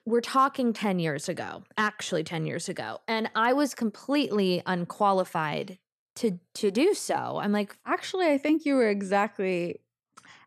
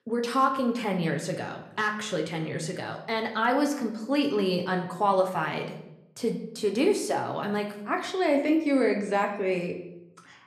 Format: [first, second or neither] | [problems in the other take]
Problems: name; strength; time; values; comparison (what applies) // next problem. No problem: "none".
first | room echo; slight; dies away in 0.6 s